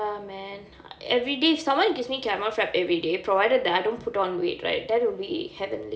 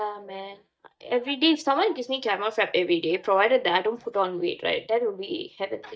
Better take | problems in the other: first | noise reduction (neural mask model DeepFilterNet 3)

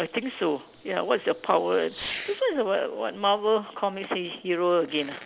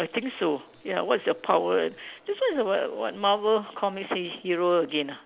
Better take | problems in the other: second | background sound (Fireworks); 18 dB below the speech

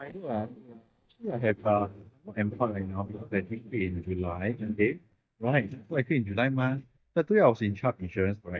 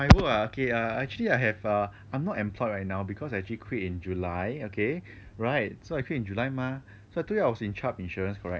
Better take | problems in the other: second | noise reduction (neural mask model DeepFilterNet 3)

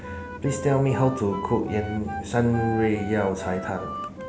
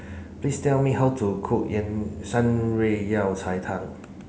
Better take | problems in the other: second | background sound (Wind instrument, woodwind instrument); 11 dB below the speech

